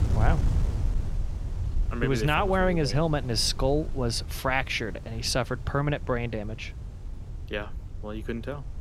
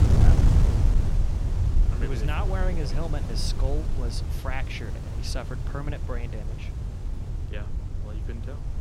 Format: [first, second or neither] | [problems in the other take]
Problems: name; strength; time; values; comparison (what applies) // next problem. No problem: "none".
first | wind noise on the microphone; heavy; 3 dB below the speech; occasional gusts in the first